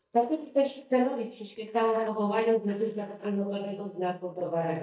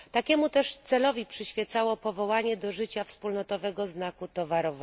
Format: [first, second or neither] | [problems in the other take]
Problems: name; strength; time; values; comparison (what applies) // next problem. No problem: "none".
second | noise reduction (neural mask model DeepFilterNet 3)